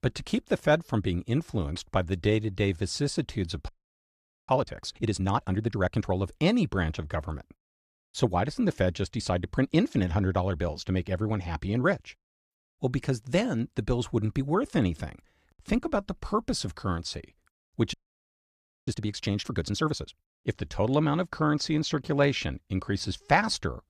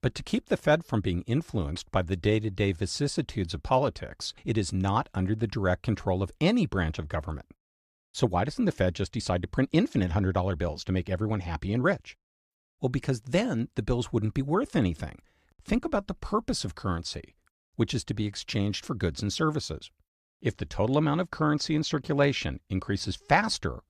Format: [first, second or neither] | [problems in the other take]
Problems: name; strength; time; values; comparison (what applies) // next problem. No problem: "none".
second | audio freezing; at 3.5 s for 1 s and at 18 s for 1 s